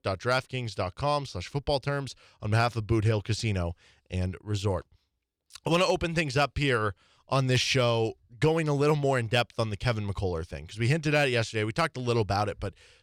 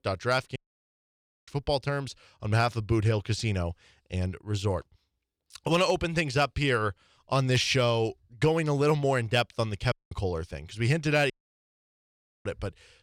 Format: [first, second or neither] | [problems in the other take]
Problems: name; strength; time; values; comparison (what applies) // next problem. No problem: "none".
first | audio cutting out; at 0.5 s for 1 s, at 10 s and at 11 s for 1 s